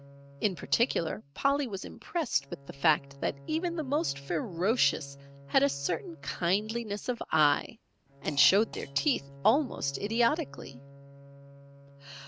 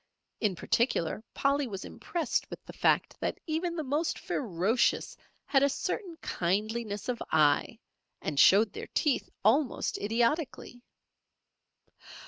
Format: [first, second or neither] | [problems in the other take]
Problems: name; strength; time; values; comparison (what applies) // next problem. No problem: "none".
second | background sound (Bowed string instrument + Fart); 18 dB below the speech